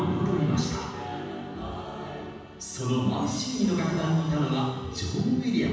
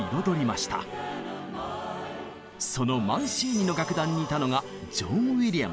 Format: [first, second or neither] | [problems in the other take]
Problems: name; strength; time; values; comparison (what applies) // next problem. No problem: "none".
second | room echo; dies away in 1.1 s